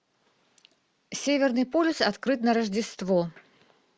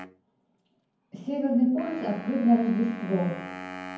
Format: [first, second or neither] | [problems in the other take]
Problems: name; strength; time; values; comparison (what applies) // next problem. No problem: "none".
first | background sound (Wind instrument, woodwind instrument); 15 dB below the speech // room echo; dies away in 0.9 s